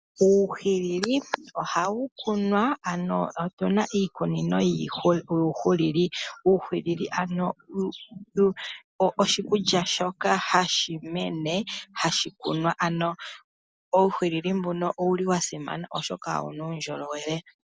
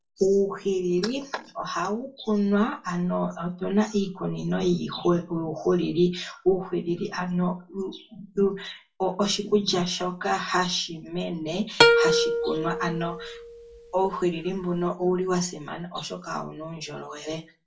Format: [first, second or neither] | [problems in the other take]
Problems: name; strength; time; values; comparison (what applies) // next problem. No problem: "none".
first | background sound (Plucked string instrument); 2 dB above the speech // room echo; dies away in 0.2 s